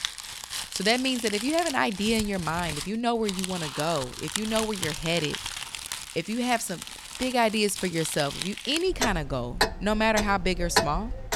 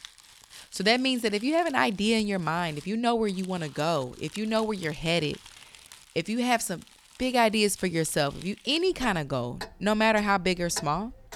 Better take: second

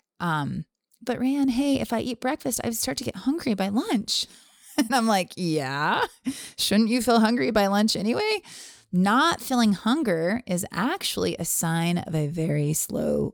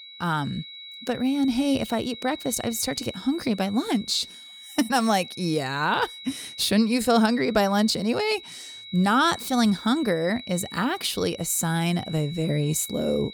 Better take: first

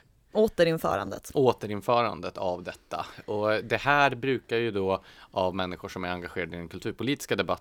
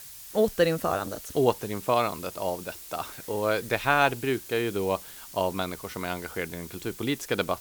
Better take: first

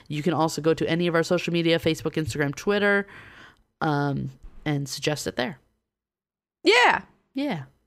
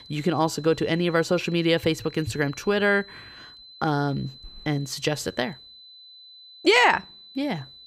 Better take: first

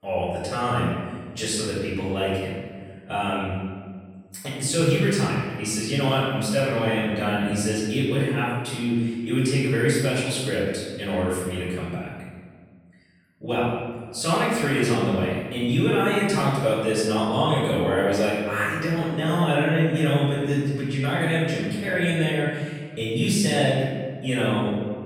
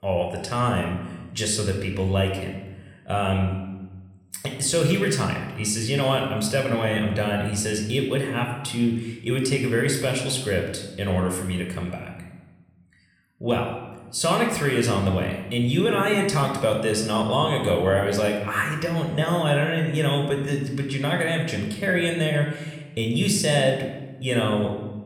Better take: second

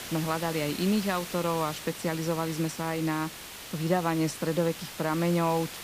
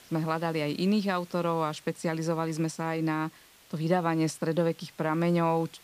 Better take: second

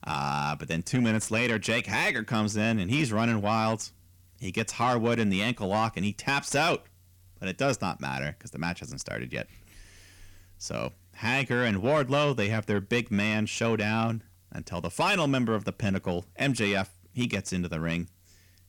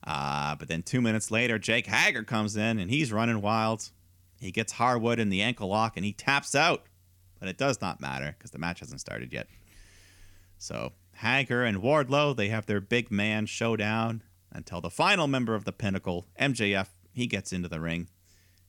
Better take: second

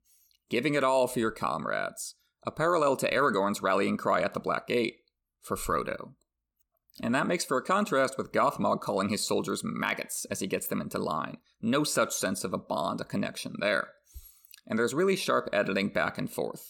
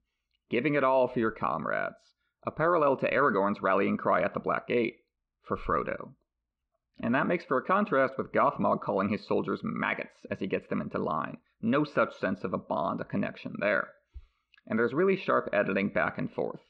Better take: first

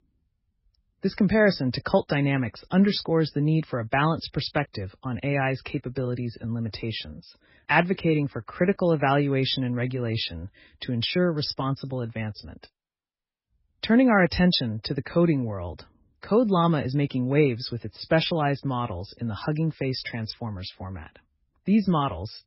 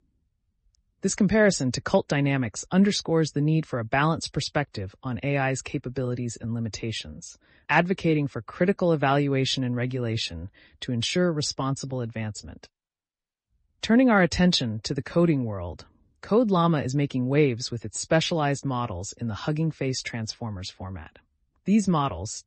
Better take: second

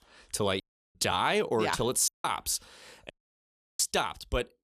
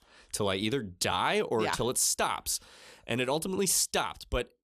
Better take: second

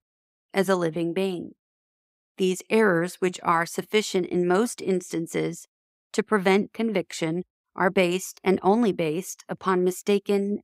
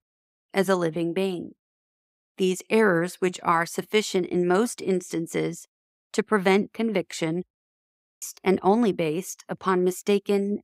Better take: first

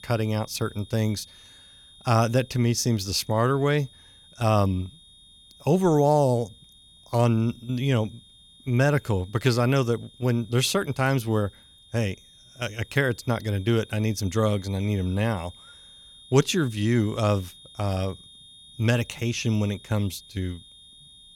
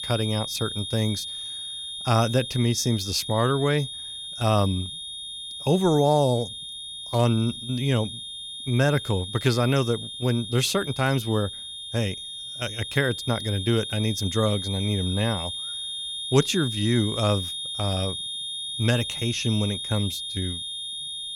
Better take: first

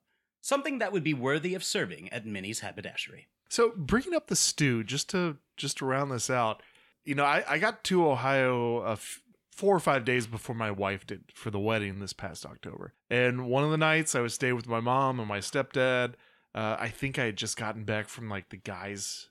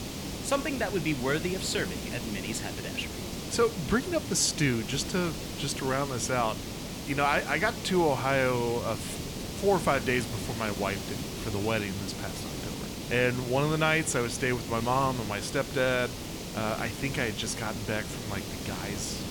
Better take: first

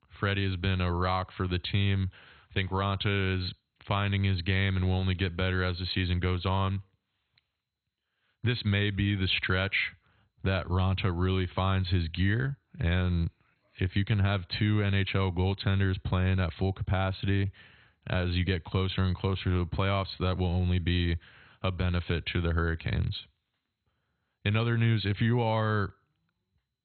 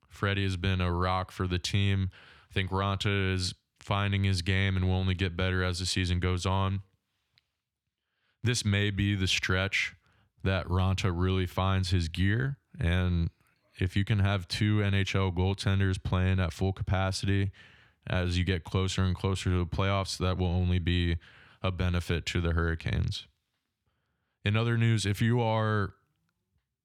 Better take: second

